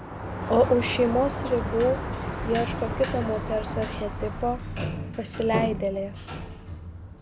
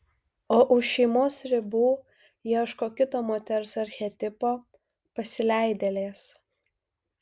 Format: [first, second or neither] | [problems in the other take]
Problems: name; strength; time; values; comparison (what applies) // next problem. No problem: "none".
second | background sound (Sliding door); 4 dB below the speech